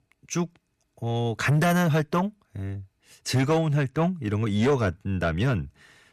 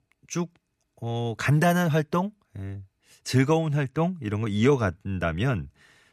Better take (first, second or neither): second